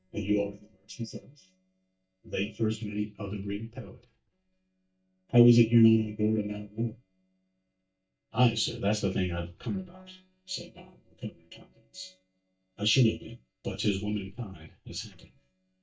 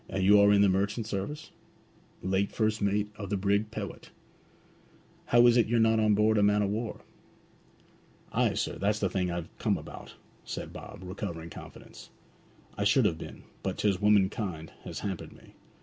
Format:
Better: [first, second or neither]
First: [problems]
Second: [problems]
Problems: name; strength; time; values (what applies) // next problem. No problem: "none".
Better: second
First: noise reduction (neural mask model DeepFilterNet 3)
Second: none